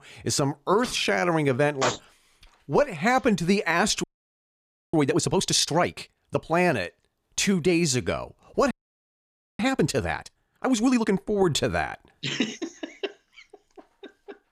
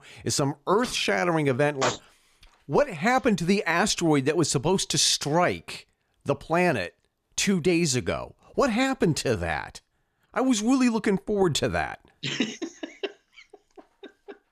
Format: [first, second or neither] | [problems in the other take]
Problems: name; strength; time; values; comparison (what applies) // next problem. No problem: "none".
second | audio freezing; at 4 s for 1 s and at 8.5 s for 1 s